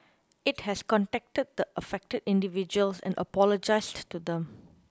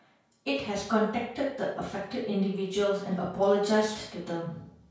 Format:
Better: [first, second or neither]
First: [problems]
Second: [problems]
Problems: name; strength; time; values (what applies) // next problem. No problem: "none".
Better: first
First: none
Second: room echo; dies away in 0.5 s